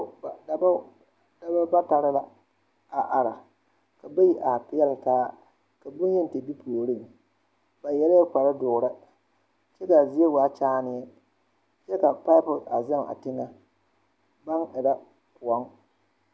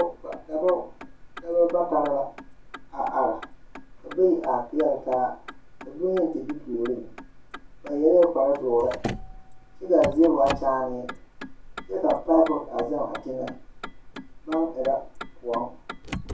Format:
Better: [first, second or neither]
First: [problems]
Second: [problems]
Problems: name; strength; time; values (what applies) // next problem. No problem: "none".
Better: first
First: none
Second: background sound (Motor vehicle (road)); 14 dB below the speech // room echo; dies away in 0.2 s